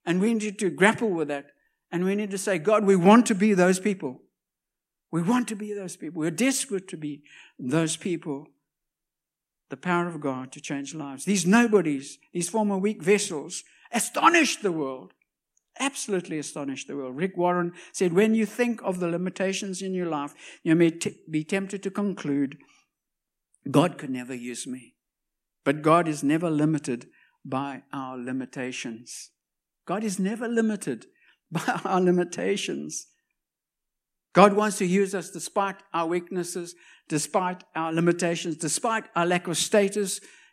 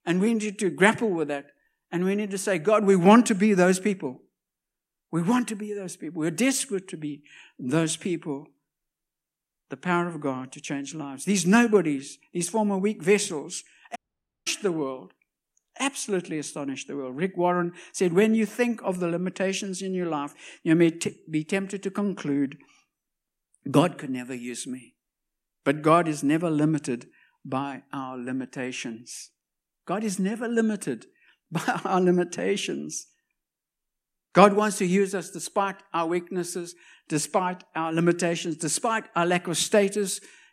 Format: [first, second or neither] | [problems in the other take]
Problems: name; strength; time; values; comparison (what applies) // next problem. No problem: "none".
first | audio cutting out; at 14 s for 0.5 s